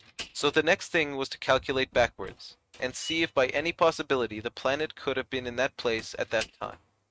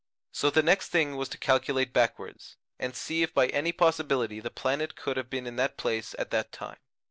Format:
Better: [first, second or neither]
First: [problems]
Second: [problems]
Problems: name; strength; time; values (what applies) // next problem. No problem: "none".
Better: second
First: noise reduction (neural mask model RNNoise)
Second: none